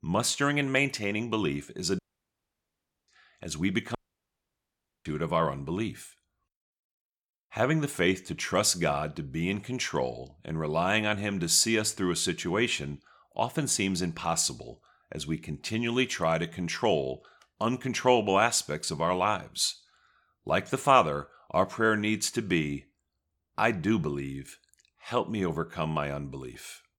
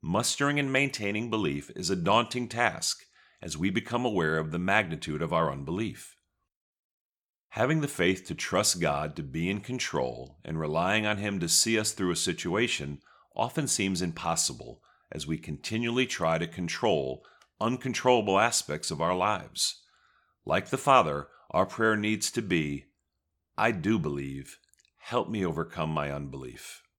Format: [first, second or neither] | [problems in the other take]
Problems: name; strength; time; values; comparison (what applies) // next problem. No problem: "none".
second | audio cutting out; at 2 s for 1 s and at 4 s for 1 s